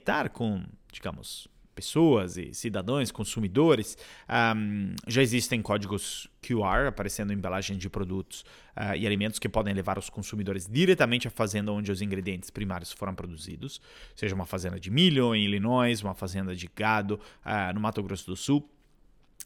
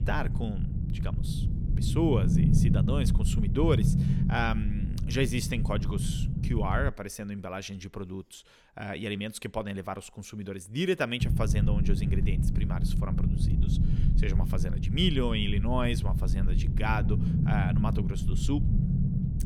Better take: first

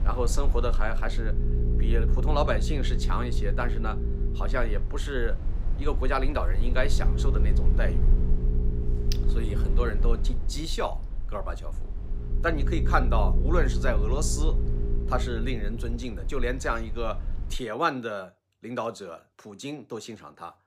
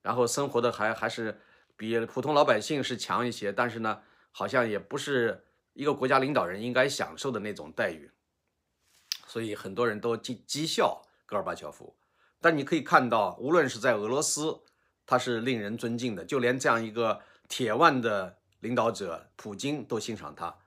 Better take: second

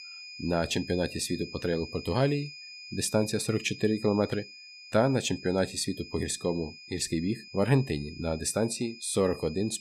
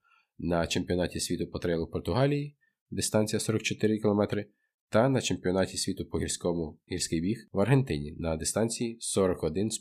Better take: second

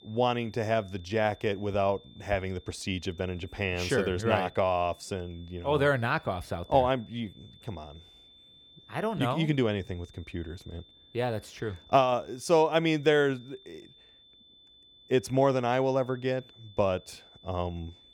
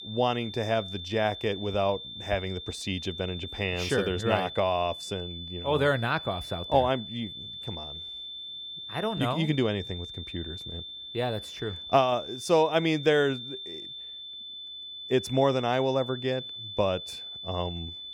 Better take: first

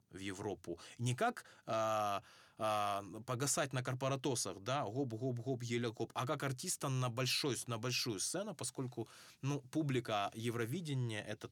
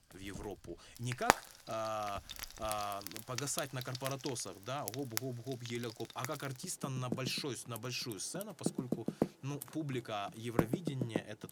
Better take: first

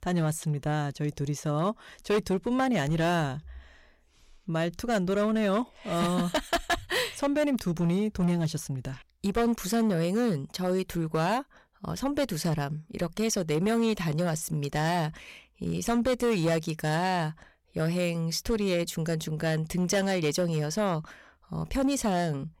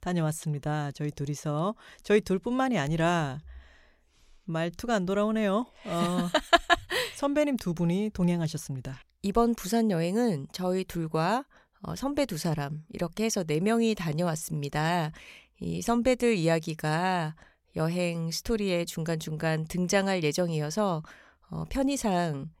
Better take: second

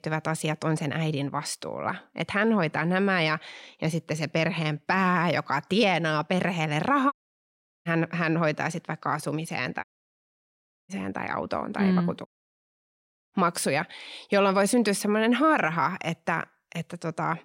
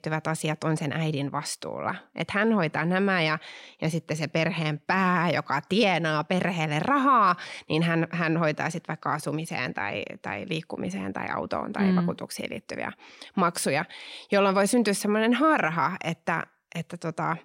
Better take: second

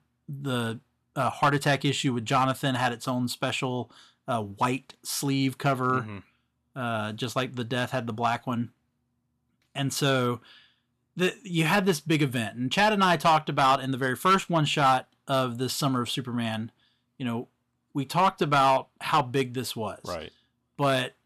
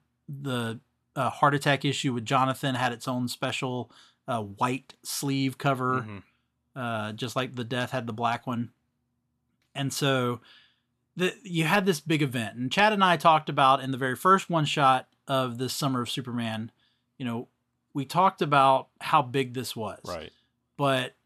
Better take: second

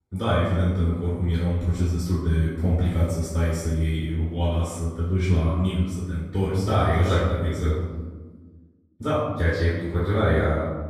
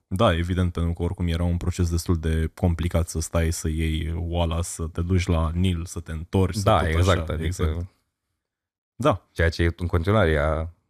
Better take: second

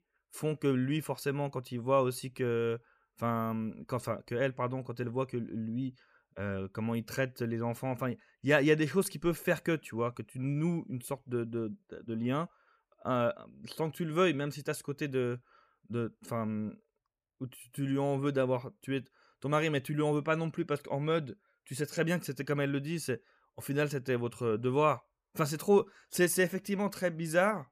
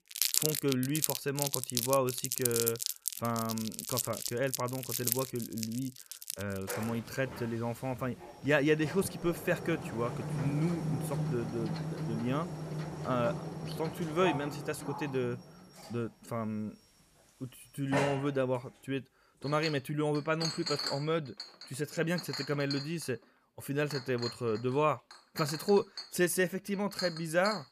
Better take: first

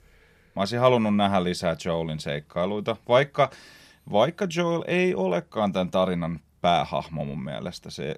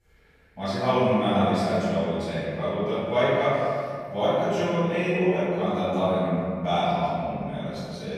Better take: first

